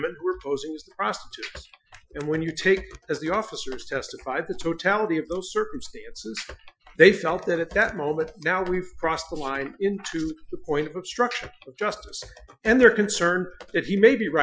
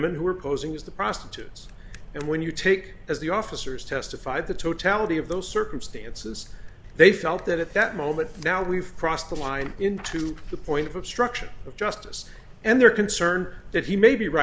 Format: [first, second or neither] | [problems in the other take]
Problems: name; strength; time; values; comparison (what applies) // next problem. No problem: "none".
second | noise reduction (classical method Wiener filter)